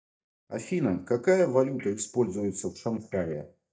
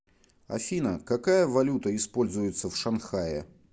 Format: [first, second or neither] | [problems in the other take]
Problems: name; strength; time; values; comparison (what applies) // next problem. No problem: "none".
second | noise reduction (neural mask model DeepFilterNet 3)